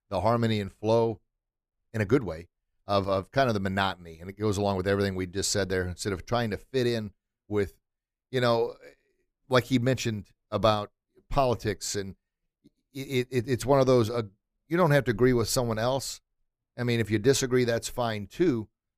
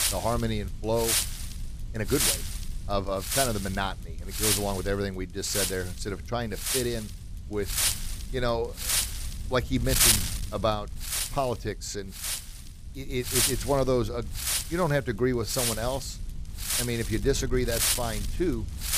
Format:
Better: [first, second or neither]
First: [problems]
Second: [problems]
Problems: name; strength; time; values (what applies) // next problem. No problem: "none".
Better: first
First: none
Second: wind noise on the microphone; heavy; 2 dB above the speech